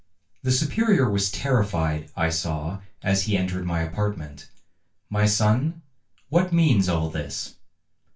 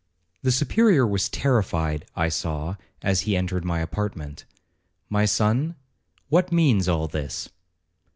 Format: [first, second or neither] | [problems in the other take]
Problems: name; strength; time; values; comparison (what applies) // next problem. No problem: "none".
second | room echo; dies away in 0.2 s